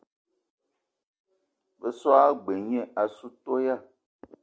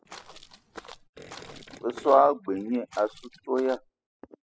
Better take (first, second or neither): first